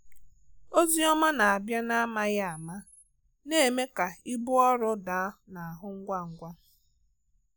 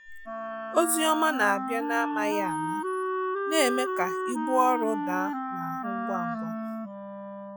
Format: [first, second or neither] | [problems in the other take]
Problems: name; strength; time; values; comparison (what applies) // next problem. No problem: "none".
first | noise reduction (classical method Wiener filter)